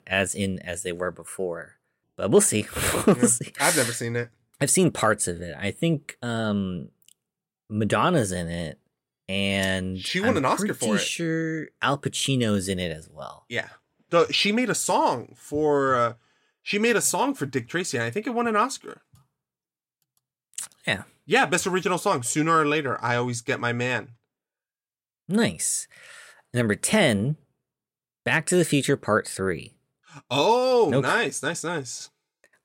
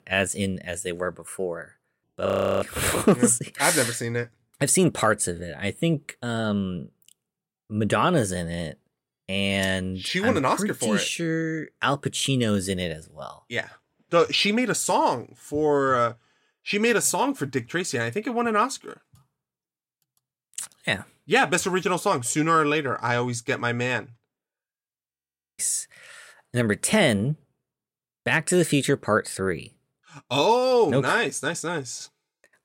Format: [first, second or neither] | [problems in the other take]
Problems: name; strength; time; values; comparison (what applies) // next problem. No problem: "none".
first | audio freezing; at 2.5 s and at 25 s